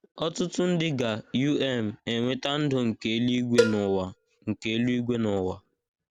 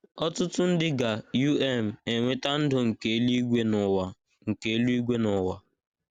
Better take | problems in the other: second | background sound (Cowbell); 5 dB below the speech

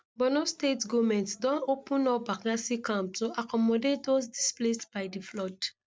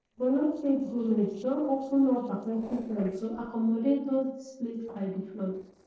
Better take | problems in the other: first | noise reduction (neural separator model SepFormer DNS4)

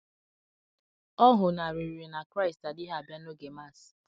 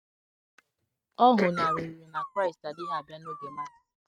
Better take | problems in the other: first | noise reduction (neural mask model RNNoise)

